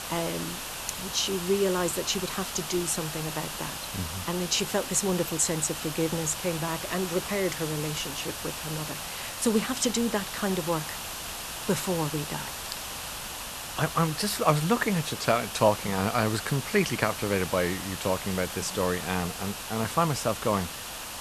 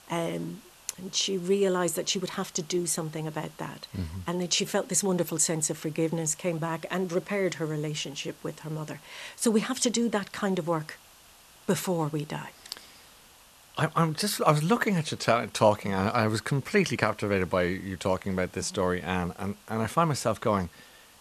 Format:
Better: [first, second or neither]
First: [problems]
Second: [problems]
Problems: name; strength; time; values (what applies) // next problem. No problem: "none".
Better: second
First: hiss; loud; throughout; 6 dB below the speech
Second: hiss; faint; throughout; 25 dB below the speech